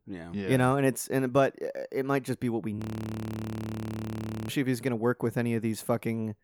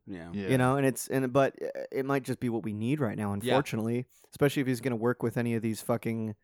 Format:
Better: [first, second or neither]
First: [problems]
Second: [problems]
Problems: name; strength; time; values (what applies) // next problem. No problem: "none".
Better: second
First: audio freezing; at 3 s for 1.5 s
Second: none